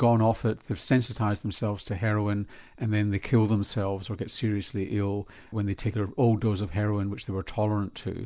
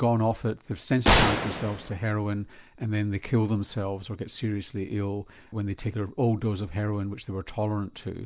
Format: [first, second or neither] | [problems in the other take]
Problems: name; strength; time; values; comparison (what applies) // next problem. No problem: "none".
first | background sound (Gunshot, gunfire); as loud as the speech